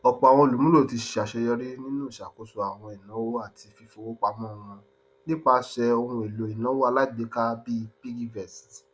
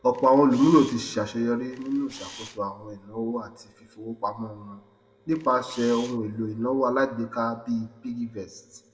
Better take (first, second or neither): first